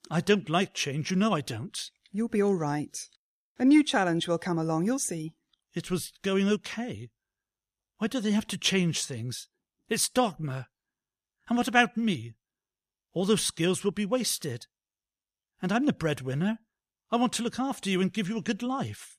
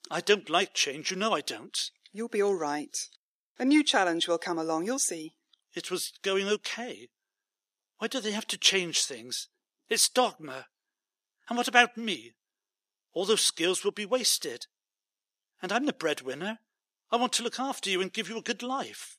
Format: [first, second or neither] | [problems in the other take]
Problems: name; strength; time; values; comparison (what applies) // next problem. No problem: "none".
first | thin; somewhat; fading below 300 Hz